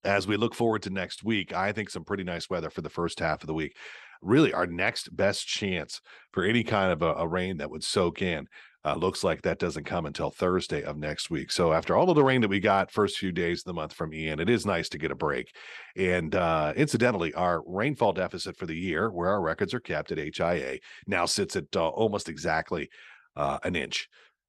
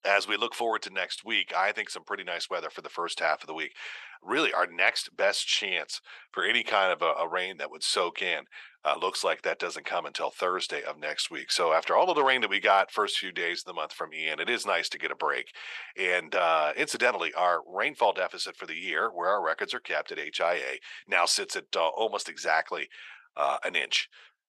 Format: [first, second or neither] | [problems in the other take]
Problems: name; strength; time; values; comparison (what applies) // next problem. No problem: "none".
first | thin; very; fading below 700 Hz